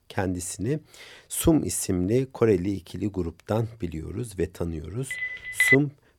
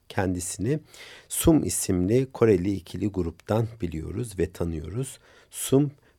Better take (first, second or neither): second